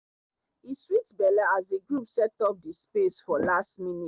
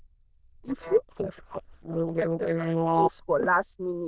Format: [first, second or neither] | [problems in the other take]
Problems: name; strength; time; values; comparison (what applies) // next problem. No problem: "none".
first | noise reduction (neural diffusion model UNIVERSE++)